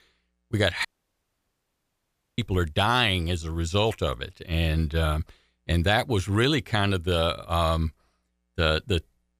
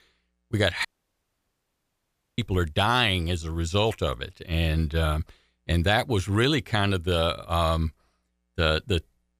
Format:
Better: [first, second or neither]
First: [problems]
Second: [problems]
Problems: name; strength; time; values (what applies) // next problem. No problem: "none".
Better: neither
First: audio cutting out; at 1 s for 1.5 s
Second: audio cutting out; at 1 s for 1.5 s